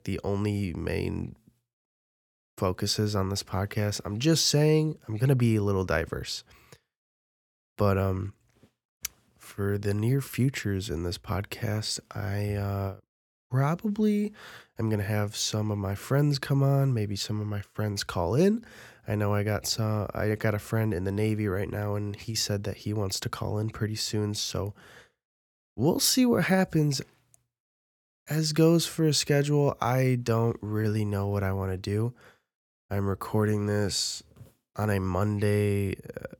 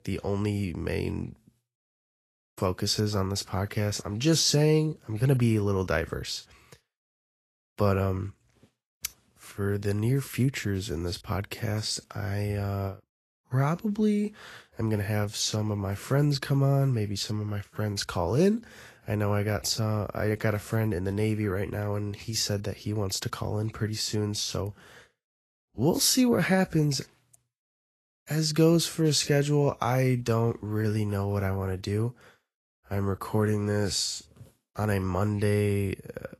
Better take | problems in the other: first | garbled, watery; slightly; nothing above 12.5 kHz

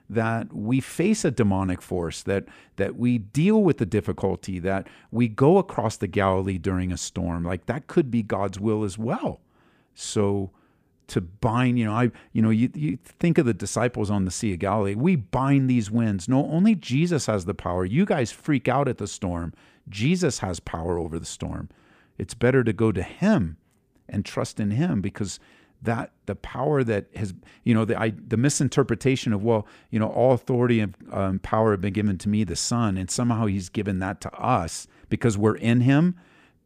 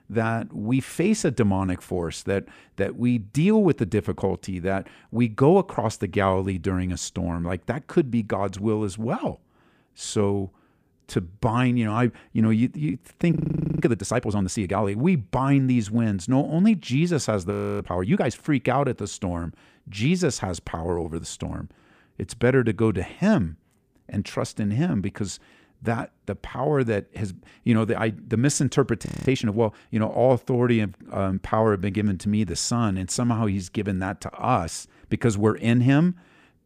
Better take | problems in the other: first | audio freezing; at 13 s, at 18 s and at 29 s

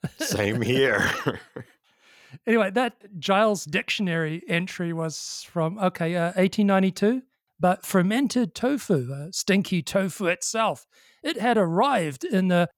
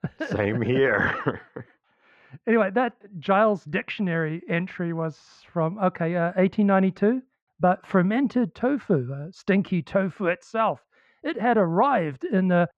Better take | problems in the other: first | muffled; very; fading above 1.5 kHz

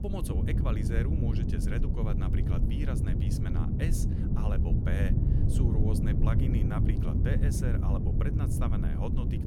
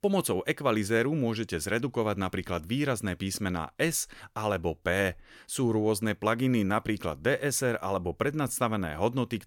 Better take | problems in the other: second | wind noise on the microphone; heavy; 1 dB above the speech

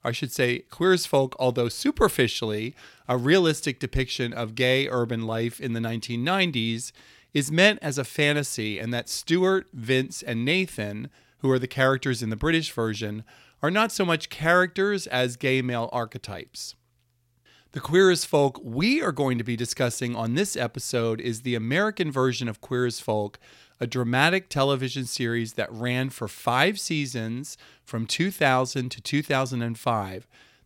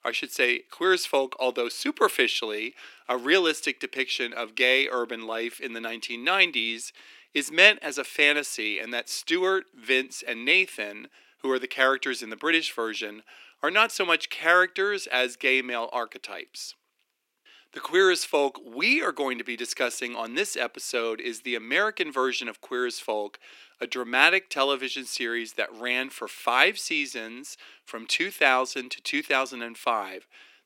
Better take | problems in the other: first | thin; somewhat; fading below 300 Hz

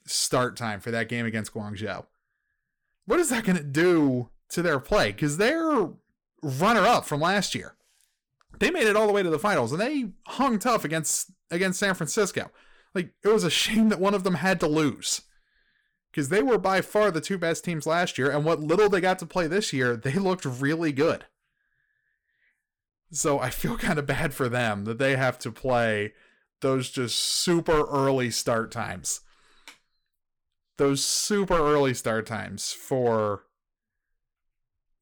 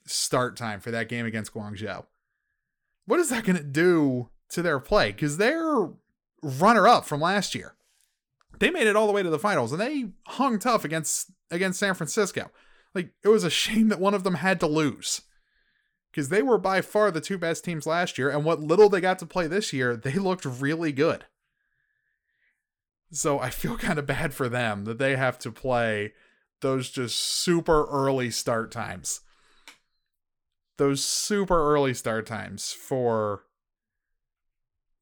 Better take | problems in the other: second | distortion; slight; 4% of the sound clipped

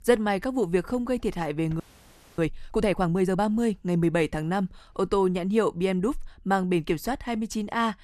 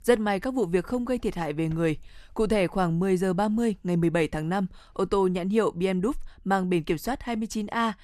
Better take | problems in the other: second | audio freezing; at 2 s for 0.5 s

